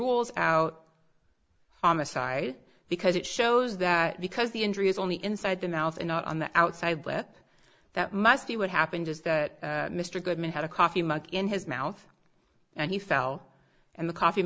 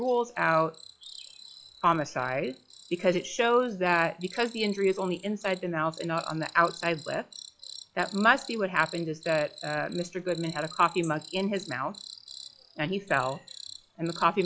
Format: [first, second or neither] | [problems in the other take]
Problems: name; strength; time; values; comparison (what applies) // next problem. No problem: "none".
first | noise reduction (classical method log-MMSE)